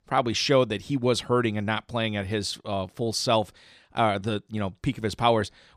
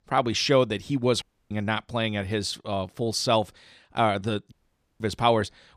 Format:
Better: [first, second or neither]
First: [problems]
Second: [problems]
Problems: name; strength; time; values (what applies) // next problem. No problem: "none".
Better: first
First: none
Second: audio cutting out; at 1 s and at 4.5 s